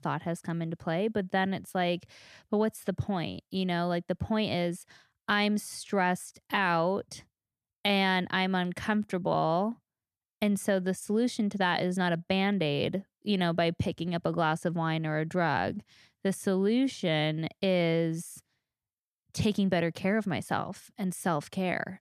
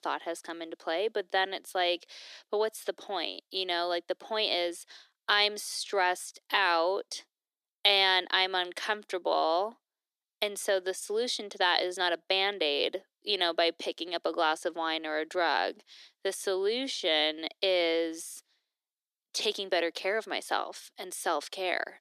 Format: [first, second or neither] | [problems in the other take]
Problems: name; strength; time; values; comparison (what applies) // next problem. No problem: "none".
first | thin; very; fading below 350 Hz